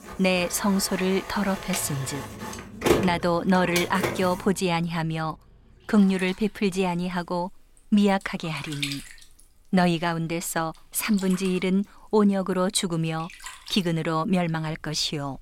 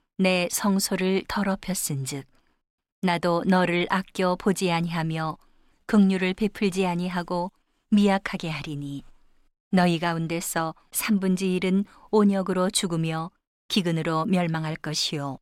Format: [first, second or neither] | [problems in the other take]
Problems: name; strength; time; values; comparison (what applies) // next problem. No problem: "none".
second | household noises; loud; throughout; 8 dB below the speech